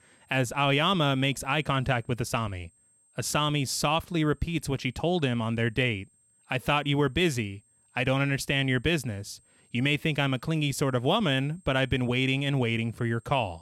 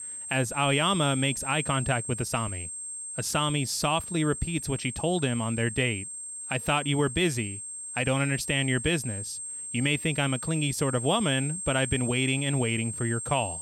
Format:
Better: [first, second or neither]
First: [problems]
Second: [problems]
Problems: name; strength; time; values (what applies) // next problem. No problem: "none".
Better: first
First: high-pitched whine; faint; throughout; 8.5 kHz, 35 dB below the speech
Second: high-pitched whine; loud; throughout; 8.5 kHz, 7 dB below the speech